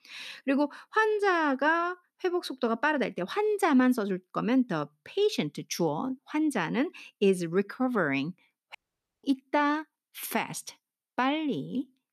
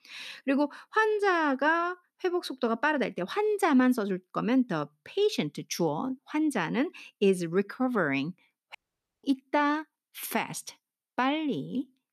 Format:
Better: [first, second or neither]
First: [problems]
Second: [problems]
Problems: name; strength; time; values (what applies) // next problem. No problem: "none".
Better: neither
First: audio cutting out; at 9 s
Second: audio cutting out; at 9 s